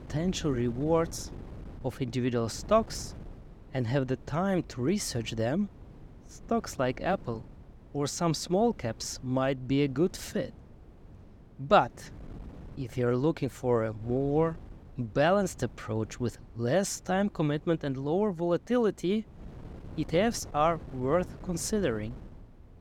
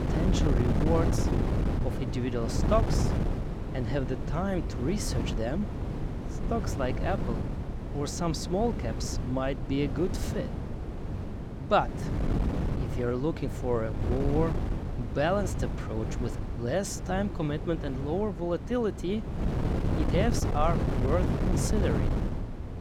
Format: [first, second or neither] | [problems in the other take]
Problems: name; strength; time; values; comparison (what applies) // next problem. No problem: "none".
first | wind noise on the microphone; heavy; 6 dB below the speech; occasional gusts in the first